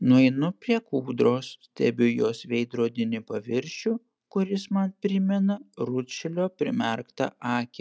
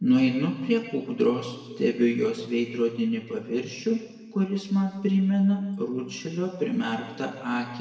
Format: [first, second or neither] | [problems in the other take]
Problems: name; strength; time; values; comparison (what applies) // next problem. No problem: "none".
first | room echo; dies away in 1.3 s